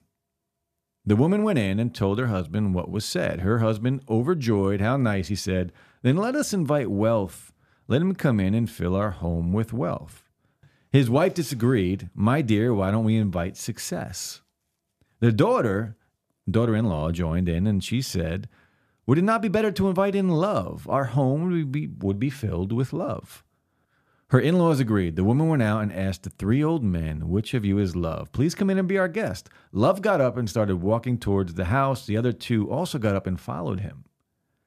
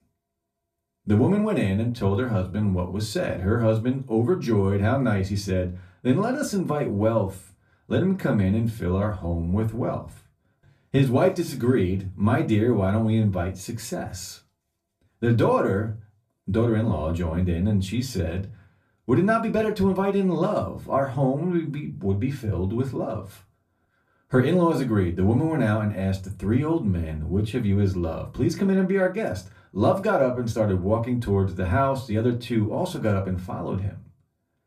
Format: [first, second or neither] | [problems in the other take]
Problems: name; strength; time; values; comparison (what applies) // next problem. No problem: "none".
first | off-mic speech; far // room echo; very slight; dies away in 0.2 s